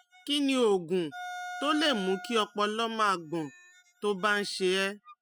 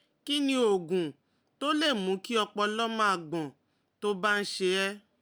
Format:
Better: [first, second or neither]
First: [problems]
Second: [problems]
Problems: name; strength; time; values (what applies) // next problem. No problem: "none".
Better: second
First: noise reduction (classical method spectral subtraction)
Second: none